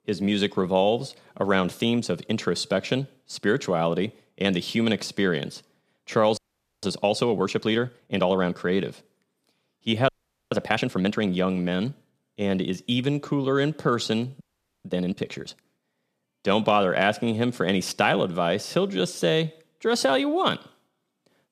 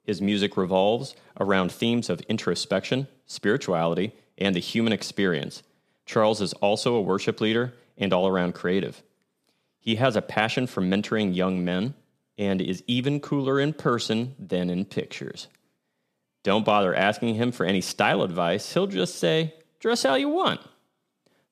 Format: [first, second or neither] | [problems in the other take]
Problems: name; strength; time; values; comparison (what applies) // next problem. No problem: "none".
second | audio freezing; at 6.5 s, at 10 s and at 14 s